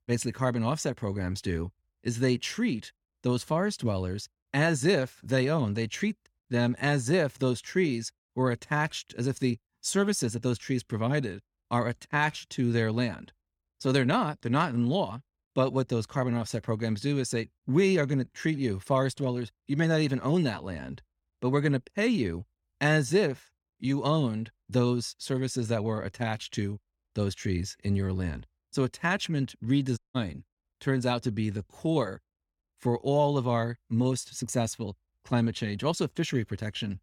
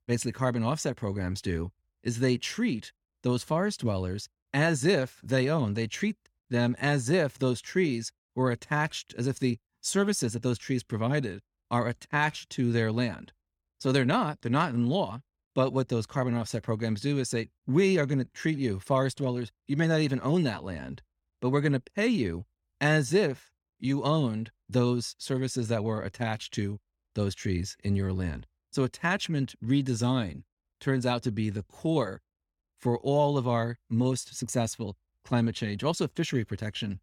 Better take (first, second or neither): second